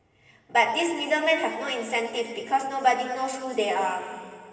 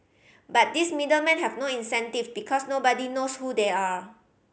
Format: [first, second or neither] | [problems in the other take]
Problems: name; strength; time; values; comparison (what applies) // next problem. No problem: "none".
second | room echo; dies away in 2.3 s